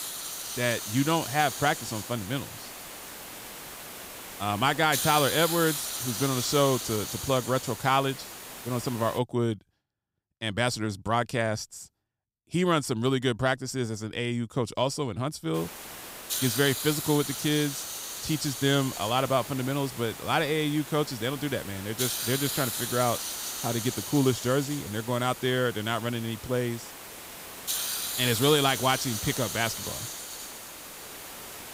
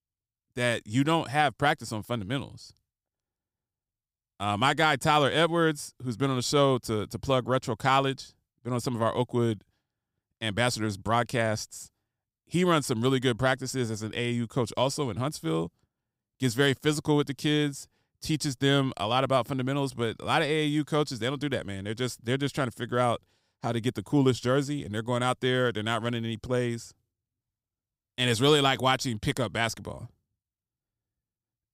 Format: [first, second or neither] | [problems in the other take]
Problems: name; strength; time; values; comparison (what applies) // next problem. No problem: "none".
second | hiss; loud; until 9 s and from 16 s on; 6 dB below the speech